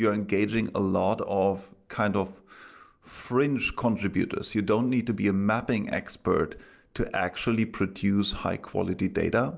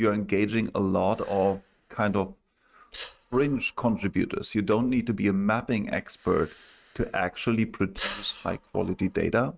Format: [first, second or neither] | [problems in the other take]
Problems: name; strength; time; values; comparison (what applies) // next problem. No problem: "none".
first | noise reduction (neural mask model RNNoise)